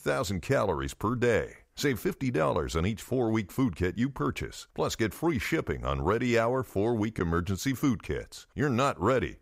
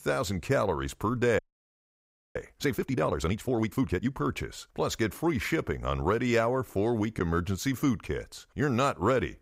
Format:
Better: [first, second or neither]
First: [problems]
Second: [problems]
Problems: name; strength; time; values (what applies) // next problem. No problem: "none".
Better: first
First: none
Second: audio freezing; at 1.5 s for 1 s